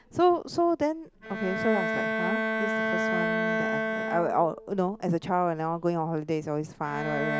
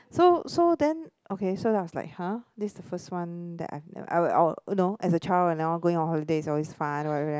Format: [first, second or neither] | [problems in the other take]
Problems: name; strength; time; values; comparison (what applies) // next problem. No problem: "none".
second | background sound (Bowed string instrument); 3 dB below the speech